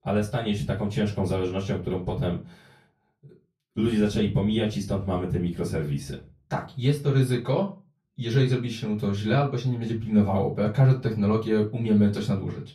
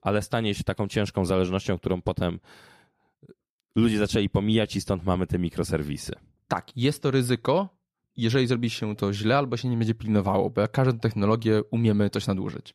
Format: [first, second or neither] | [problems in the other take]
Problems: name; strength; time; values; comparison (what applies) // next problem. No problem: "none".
second | off-mic speech; far // room echo; very slight; dies away in 0.3 s